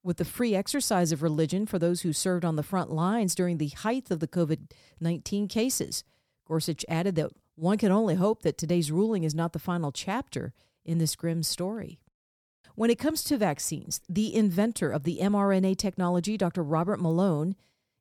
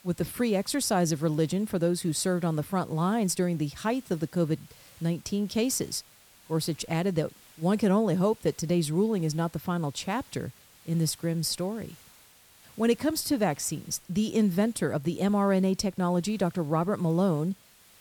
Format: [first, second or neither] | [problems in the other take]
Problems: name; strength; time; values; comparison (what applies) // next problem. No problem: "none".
first | hiss; faint; throughout; 25 dB below the speech